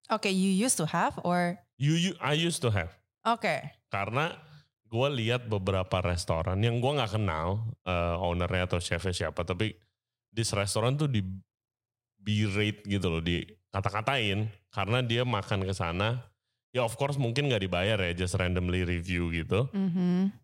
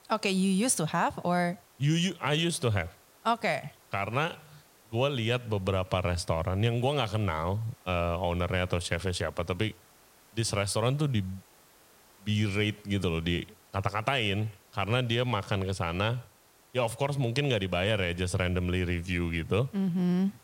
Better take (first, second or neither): first